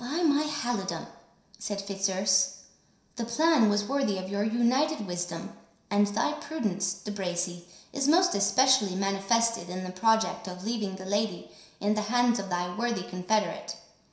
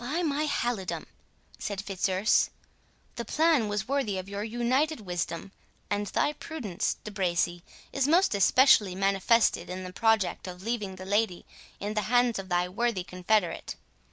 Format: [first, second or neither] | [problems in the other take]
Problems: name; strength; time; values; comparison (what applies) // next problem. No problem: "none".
second | room echo; dies away in 0.7 s